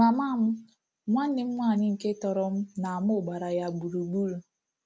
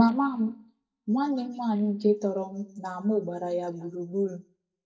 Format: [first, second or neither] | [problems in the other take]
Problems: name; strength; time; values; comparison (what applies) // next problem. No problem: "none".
first | noise reduction (neural mask model DeepFilterNet 3)